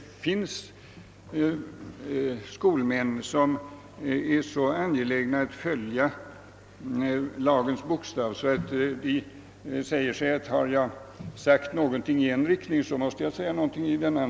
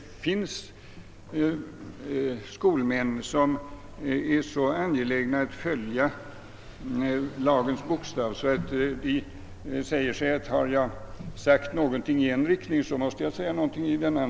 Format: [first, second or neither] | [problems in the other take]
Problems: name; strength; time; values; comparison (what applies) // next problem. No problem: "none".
first | background sound (Car passing by / Accelerating, revving, vroom); 17 dB below the speech